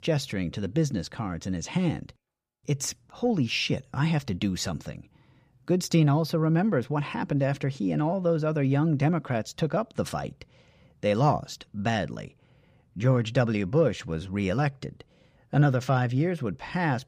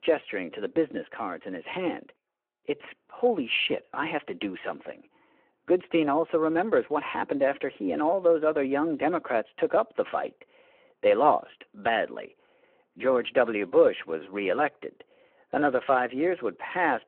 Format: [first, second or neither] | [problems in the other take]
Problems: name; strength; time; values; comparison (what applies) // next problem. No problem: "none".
first | phone-call audio